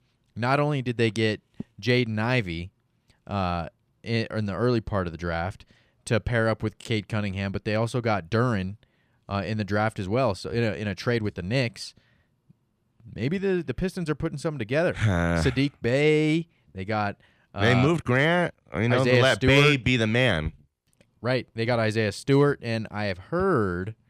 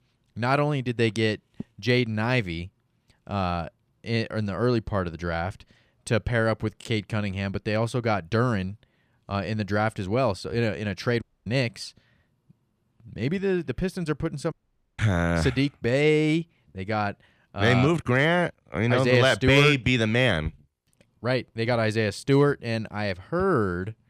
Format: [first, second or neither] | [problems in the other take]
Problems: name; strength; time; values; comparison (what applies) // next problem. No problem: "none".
first | audio cutting out; at 11 s and at 15 s